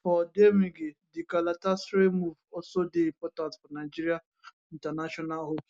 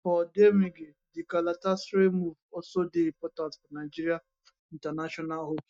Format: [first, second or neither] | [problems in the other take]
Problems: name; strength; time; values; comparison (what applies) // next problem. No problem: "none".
first | noise reduction (neural mask model DeepFilterNet 3)